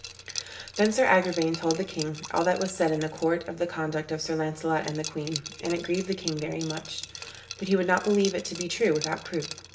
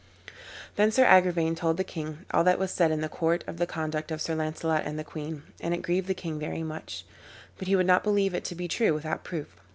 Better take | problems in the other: second | background sound (Liquid); 13 dB below the speech // room echo; dies away in 0.7 s

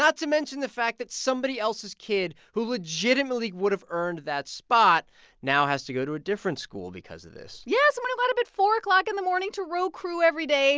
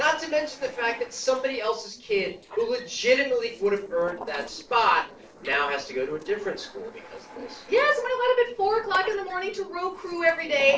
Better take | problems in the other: first | noise reduction (neural separator model SepFormer DNS4)

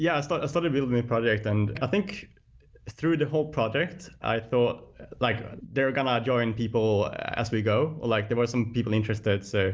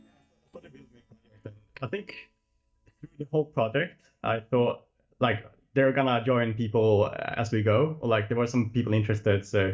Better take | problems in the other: first | noise reduction (neural mask model DeepFilterNet 3)

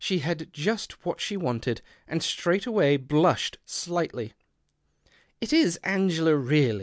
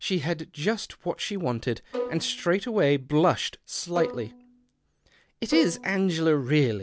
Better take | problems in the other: first | background sound (Bowed string instrument); 9 dB below the speech

